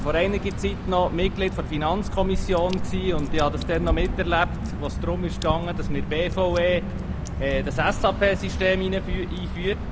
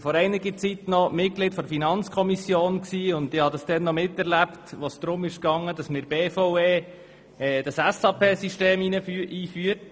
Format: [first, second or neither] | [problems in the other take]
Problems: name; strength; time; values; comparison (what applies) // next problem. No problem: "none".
second | background sound (Drip / Water); 3 dB below the speech